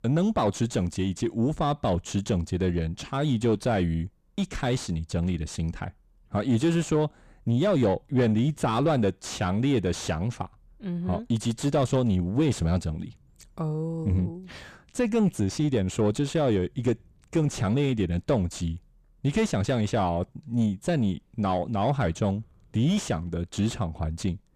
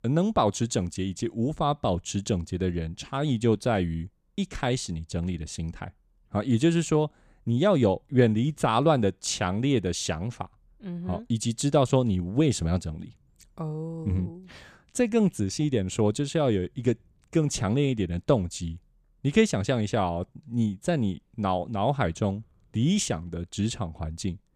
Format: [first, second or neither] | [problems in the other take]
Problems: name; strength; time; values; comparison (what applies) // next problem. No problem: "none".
second | distortion; slight; 10 dB below the speech